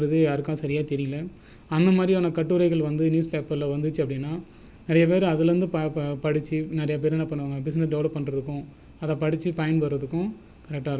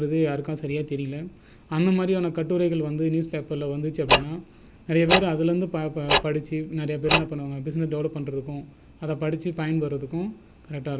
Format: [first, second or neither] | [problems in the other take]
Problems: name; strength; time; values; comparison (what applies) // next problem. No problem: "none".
first | background sound (Tick-tock); 1 dB below the speech